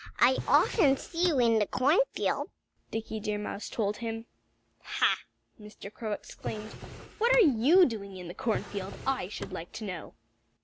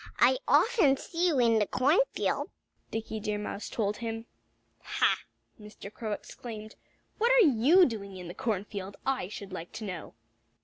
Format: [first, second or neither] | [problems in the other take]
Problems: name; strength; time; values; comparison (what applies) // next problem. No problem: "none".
second | background sound (Drawer open or close); 13 dB below the speech